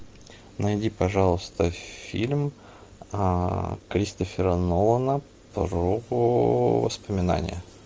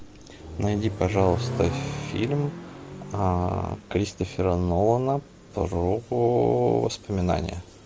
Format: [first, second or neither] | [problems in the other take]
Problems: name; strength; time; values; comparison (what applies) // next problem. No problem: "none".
first | background sound (Accelerating, revving, vroom); 12 dB below the speech